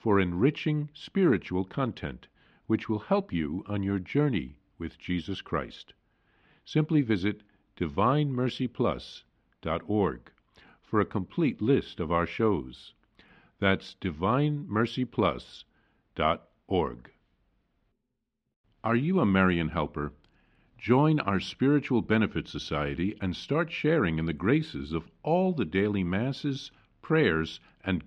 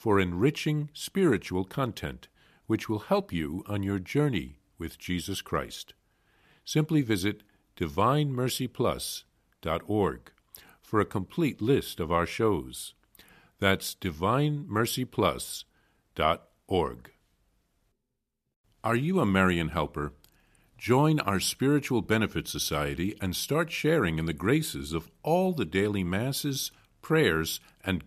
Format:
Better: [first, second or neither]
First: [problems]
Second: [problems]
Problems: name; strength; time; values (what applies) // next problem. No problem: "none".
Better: second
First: muffled; slightly; fading above 3.5 kHz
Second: none